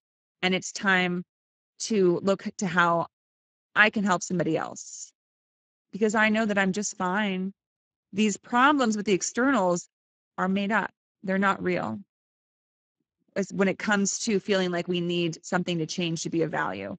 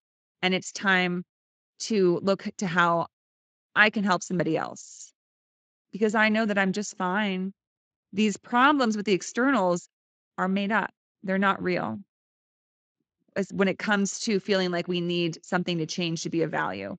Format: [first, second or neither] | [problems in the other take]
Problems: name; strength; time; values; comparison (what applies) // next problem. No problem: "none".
second | garbled, watery; badly; nothing above 7.5 kHz; slightly in the second